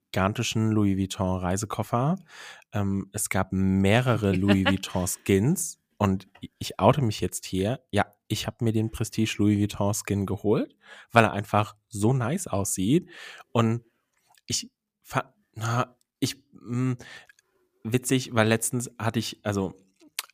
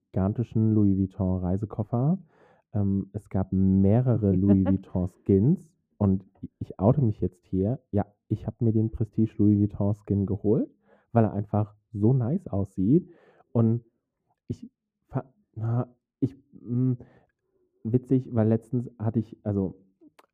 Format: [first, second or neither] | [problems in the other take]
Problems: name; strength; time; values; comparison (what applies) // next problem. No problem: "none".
first | muffled; very; fading above 1.5 kHz